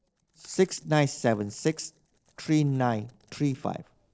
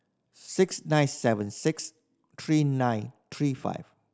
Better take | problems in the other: second | noise reduction (neural separator model SepFormer DNS4)

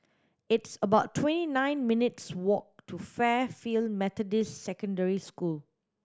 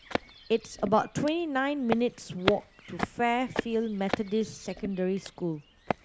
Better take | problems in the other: first | background sound (Walk, footsteps); 7 dB below the speech

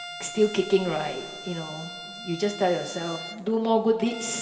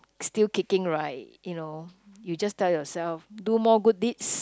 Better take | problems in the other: second | background sound (Bowed string instrument); 13 dB below the speech // room echo; dies away in 2.8 s

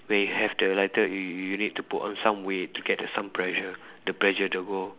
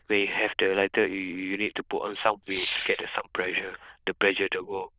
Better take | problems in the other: first | noise reduction (neural diffusion model UNIVERSE++)

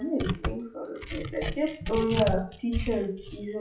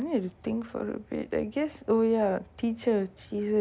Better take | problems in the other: second | noise reduction (classical method WPE with log-MMSE)

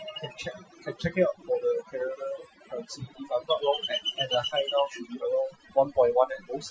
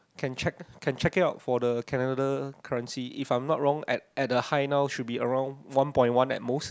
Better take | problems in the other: second | noise reduction (classical method Wiener filter)

